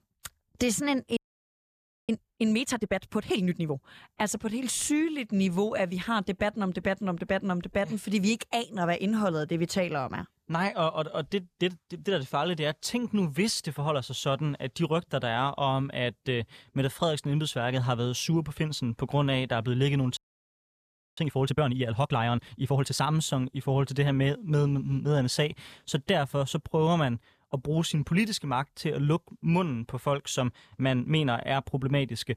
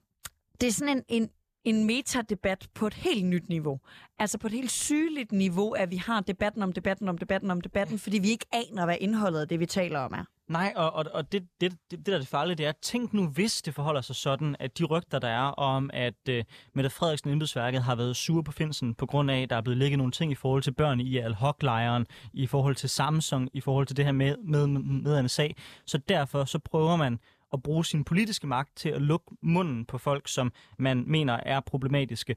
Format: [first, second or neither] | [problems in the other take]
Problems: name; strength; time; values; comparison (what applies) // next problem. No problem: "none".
second | audio freezing; at 1 s for 1 s and at 20 s for 1 s